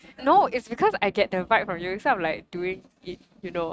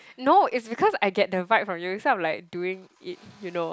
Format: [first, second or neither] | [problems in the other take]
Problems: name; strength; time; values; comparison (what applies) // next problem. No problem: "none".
second | noise reduction (neural mask model RNNoise)